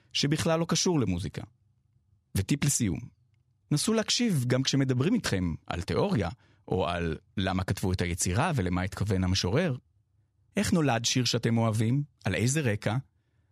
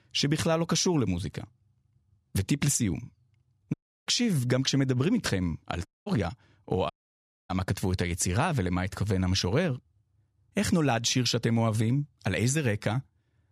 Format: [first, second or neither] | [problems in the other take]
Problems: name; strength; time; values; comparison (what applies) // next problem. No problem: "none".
first | audio cutting out; at 3.5 s, at 6 s and at 7 s for 0.5 s